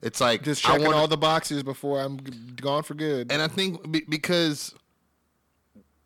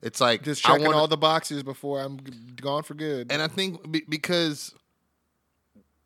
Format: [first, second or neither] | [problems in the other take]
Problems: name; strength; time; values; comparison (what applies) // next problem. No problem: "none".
second | distortion; slight; 10 dB below the speech